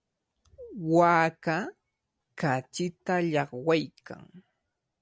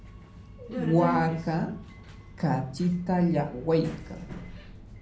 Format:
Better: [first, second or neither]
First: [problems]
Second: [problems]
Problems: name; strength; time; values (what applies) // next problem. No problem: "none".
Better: first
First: none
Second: background sound (Subway, metro, underground); 10 dB below the speech // room echo; dies away in 0.6 s